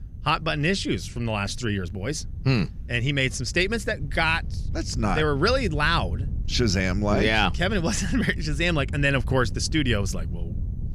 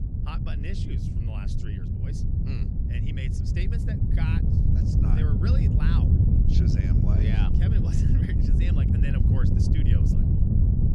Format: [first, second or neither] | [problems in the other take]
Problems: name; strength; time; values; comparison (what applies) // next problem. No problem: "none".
first | wind noise on the microphone; heavy; 5 dB above the speech; occasional gusts in the first